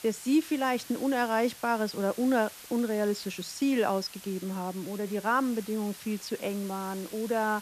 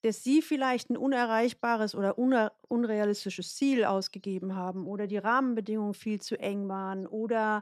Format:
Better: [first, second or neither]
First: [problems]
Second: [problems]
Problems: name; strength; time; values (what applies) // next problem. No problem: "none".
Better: second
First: hiss; noticeable; throughout; 15 dB below the speech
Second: none